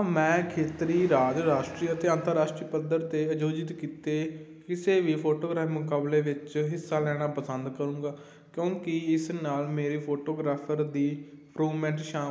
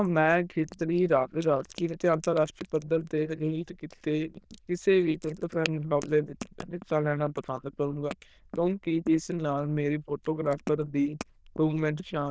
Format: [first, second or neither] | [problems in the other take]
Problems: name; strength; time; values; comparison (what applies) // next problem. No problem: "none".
first | noise reduction (neural diffusion model UNIVERSE++)